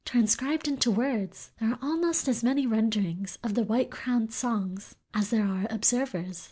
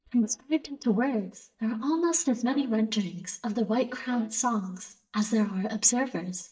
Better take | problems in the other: first | noise reduction (neural mask model DeepFilterNet 3)

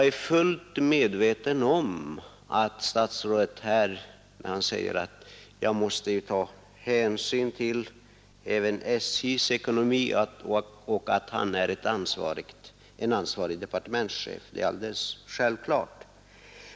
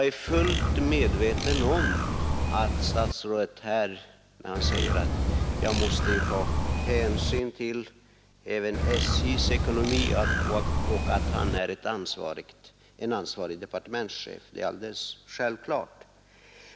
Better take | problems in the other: first | background sound (Bird); 5 dB above the speech

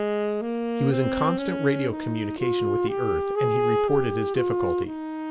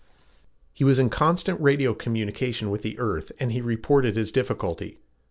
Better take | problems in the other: second | background sound (Wind instrument, woodwind instrument); 2 dB above the speech

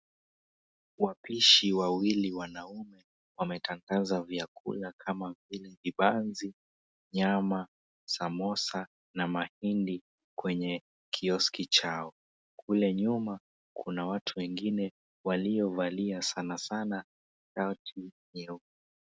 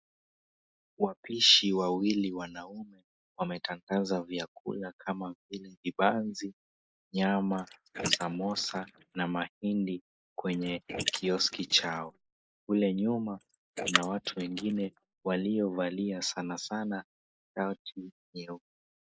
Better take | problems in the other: first | noise reduction (neural mask model Resemble Enhance denoiser)

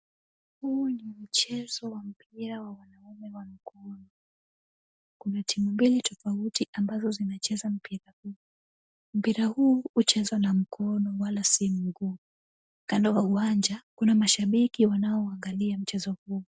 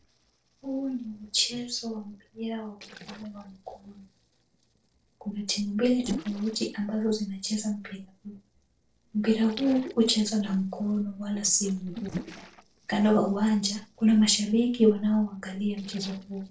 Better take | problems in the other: first | noise reduction (neural separator model SepFormer DNS4)

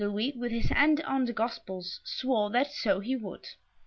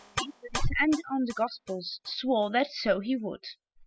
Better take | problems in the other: first | noise reduction (classical method spectral subtraction)

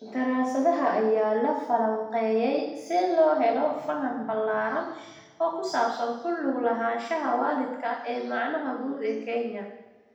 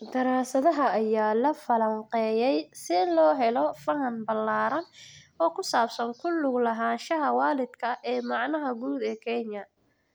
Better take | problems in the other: second | room echo; dies away in 0.9 s

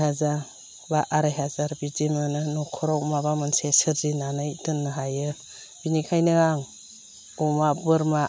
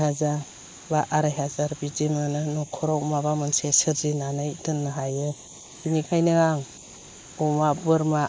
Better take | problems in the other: first | noise reduction (neural mask model Resemble Enhance denoiser)

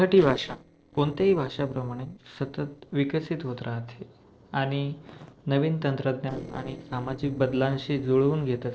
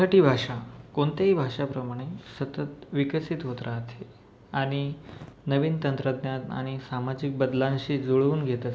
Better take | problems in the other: second | noise reduction (neural separator model SepFormer DNS4)

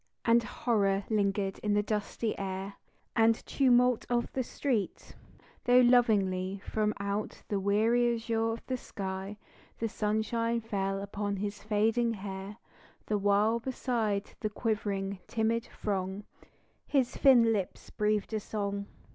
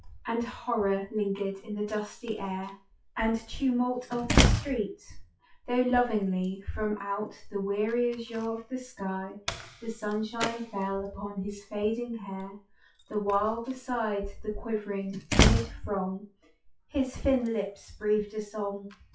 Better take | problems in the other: first | noise reduction (classical method WPE with log-MMSE)

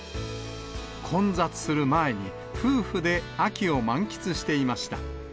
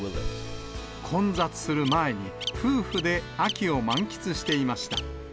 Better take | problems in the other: first | background sound (Bird vocalization, bird call, bird song); 10 dB below the speech

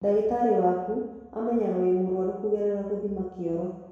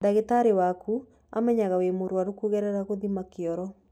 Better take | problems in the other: second | room echo; dies away in 1.1 s

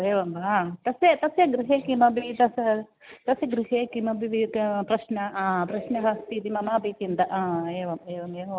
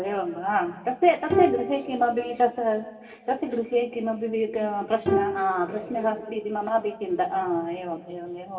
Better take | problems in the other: first | background sound (Bowed string instrument); 6 dB below the speech // room echo; dies away in 1.6 s

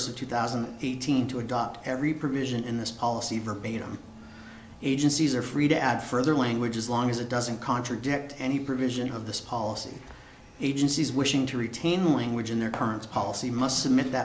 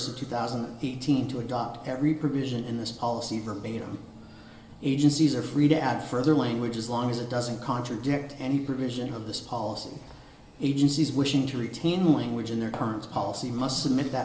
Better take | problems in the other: first | room echo; dies away in 1.9 s

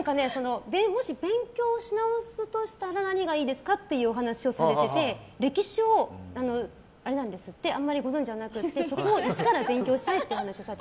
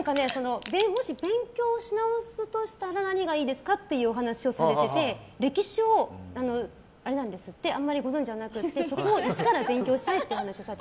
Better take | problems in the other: first | background sound (Crack); 16 dB below the speech

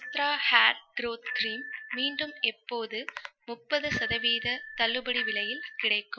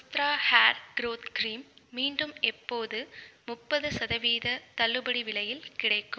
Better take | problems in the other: second | noise reduction (classical method Wiener filter)

